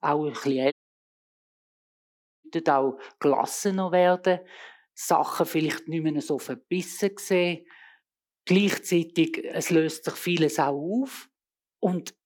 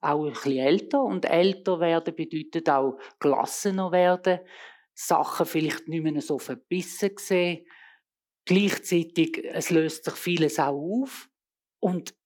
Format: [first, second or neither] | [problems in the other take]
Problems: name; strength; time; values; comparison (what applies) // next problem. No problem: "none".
second | audio cutting out; at 0.5 s for 1.5 s